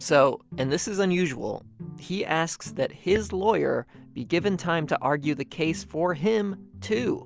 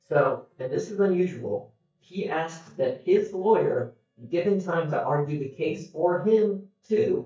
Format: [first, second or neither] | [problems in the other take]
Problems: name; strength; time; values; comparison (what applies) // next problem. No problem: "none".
first | noise reduction (neural mask model DeepFilterNet 3)